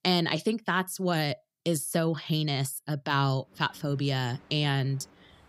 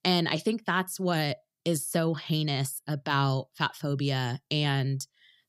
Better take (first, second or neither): second